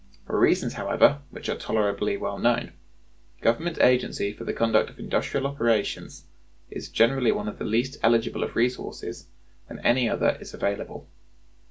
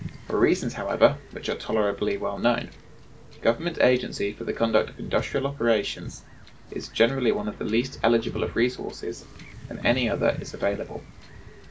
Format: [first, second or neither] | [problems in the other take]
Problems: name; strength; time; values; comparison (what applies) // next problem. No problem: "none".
first | background sound (Wind / Ocean / Boat, Water vehicle); 16 dB below the speech